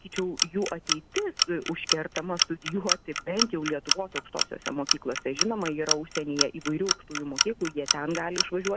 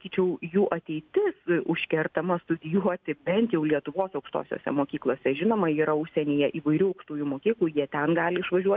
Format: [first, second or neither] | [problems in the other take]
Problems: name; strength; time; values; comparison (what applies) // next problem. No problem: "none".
second | background sound (Clock); 1 dB above the speech